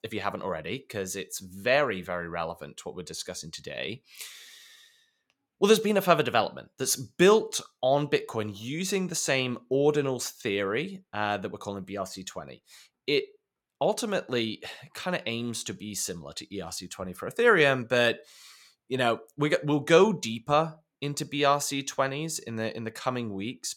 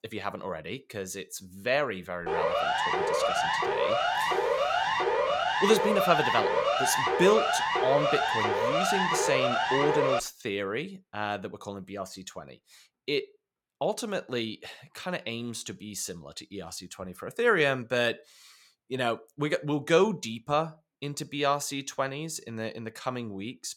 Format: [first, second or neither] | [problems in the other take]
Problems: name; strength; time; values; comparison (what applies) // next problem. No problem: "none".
first | siren; loud; from 2.5 to 10 s; peak 5 dB above the speech